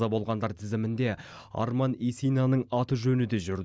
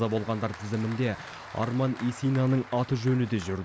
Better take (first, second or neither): first